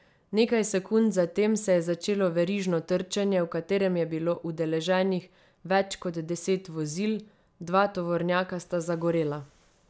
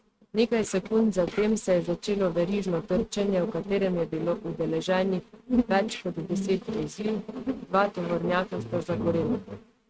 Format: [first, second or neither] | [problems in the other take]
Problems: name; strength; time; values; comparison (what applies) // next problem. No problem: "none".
first | noise reduction (neural mask model RNNoise)